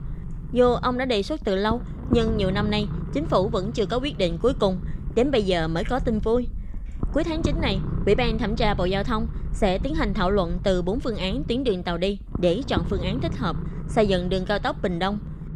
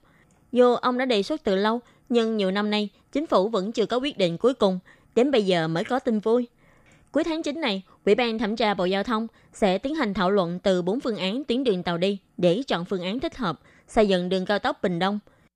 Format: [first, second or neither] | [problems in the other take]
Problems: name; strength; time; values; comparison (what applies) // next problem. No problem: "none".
second | low rumble; noticeable; throughout; 15 dB below the speech